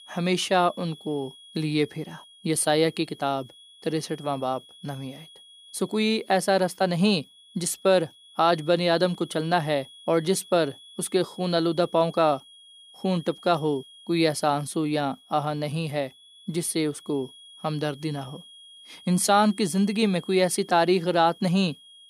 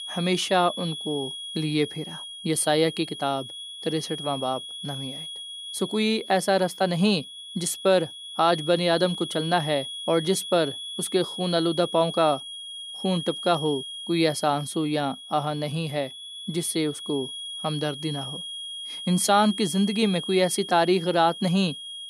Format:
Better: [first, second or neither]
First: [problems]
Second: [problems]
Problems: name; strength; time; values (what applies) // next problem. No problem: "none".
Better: first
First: high-pitched whine; faint; throughout; 3.5 kHz, 20 dB below the speech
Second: high-pitched whine; loud; throughout; 3.5 kHz, 9 dB below the speech